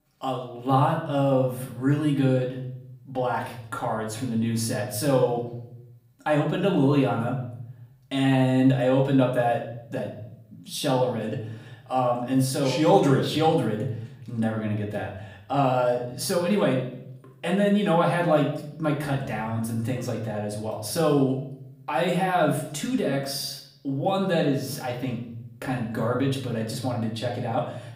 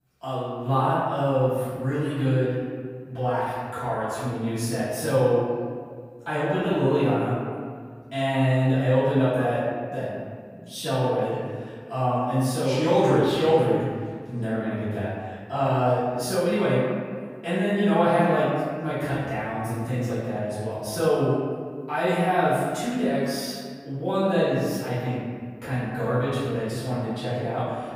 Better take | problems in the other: first | room echo; strong; dies away in 1.7 s; slight in the first // off-mic speech; far; far in the first

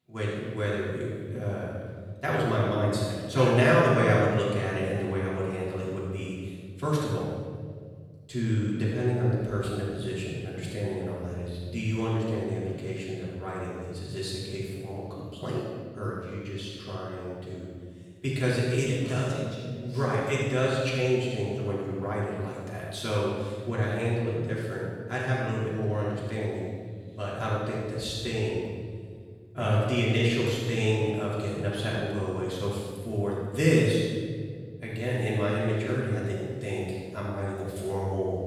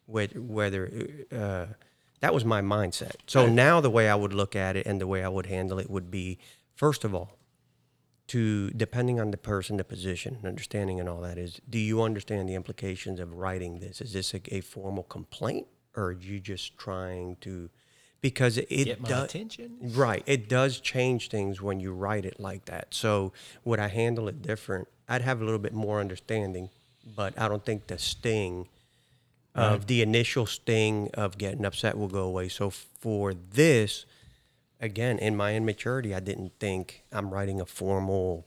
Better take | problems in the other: second | off-mic speech; far // room echo; strong; dies away in 1.7 s

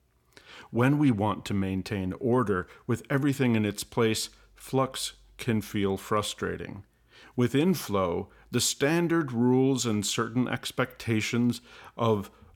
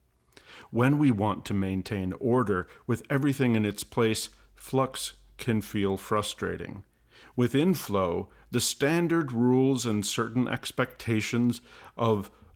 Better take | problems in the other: first | garbled, watery; slightly; nothing above 15.5 kHz

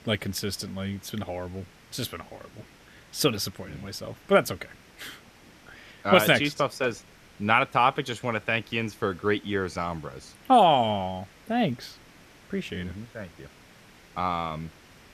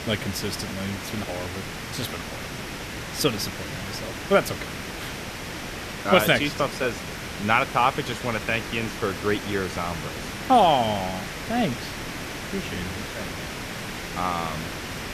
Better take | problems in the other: first | hiss; loud; throughout; 8 dB below the speech; faint in the first

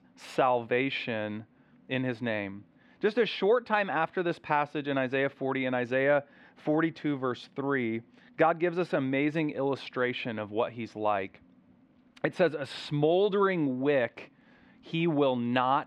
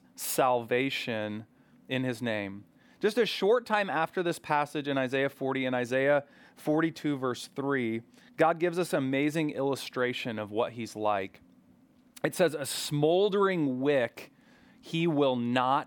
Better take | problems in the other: second | muffled; slightly; fading above 3 kHz

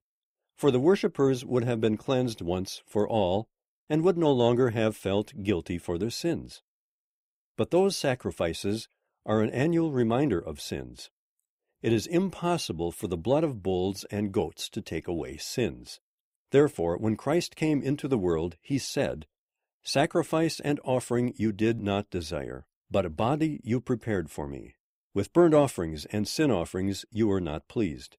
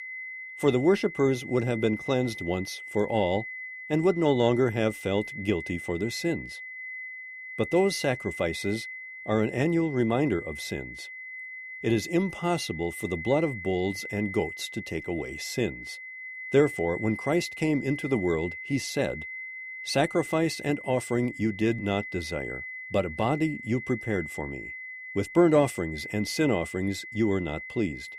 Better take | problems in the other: first | high-pitched whine; loud; throughout; 2 kHz, 10 dB below the speech

